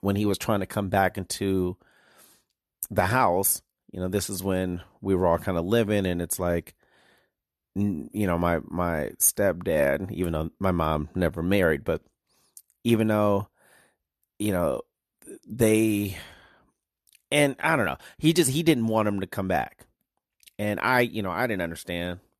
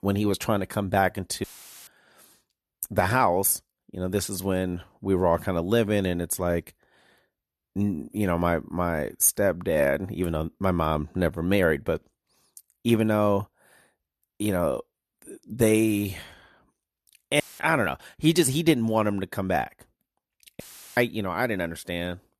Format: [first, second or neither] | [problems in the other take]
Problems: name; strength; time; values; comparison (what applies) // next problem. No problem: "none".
first | audio cutting out; filled with static; at 1.5 s, at 17 s and at 21 s